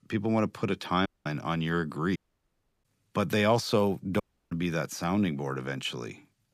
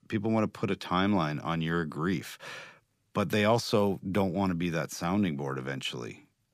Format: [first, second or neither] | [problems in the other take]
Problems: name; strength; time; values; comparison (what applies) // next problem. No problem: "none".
second | audio cutting out; at 1 s, at 2 s for 0.5 s and at 4 s